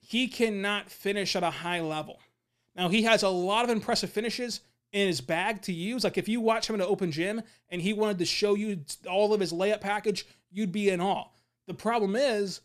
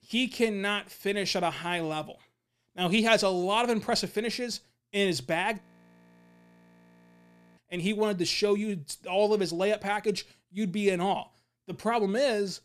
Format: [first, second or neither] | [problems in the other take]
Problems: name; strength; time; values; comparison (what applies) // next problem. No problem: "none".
first | audio freezing; at 5.5 s for 2 s